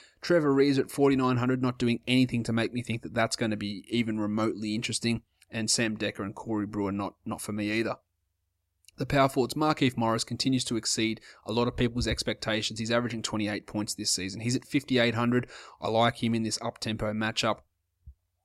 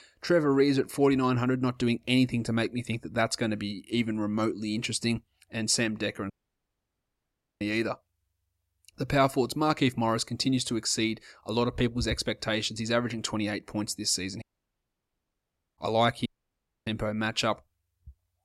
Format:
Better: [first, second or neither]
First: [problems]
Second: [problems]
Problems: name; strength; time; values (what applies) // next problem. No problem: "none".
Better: first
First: none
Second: audio cutting out; at 6.5 s for 1.5 s, at 14 s for 1.5 s and at 16 s for 0.5 s